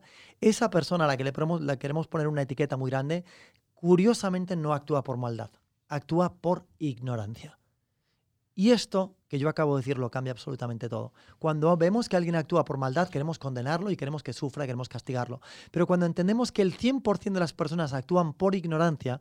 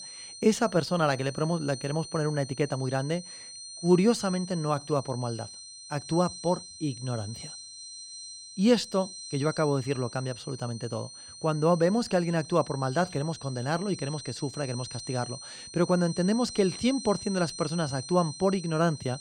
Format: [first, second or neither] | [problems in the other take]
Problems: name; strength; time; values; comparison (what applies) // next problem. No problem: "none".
first | high-pitched whine; noticeable; throughout; 4 kHz, 10 dB below the speech